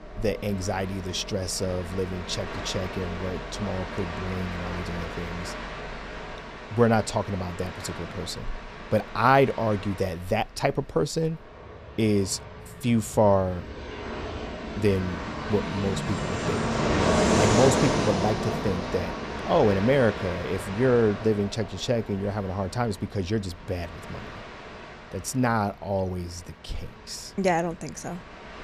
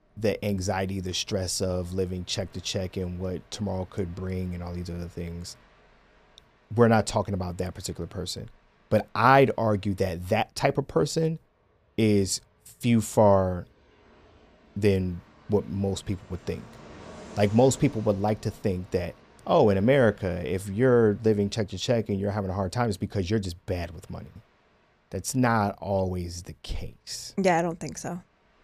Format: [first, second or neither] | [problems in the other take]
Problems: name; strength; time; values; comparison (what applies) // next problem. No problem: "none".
second | train or aircraft noise; loud; throughout; 4 dB below the speech; faint in the second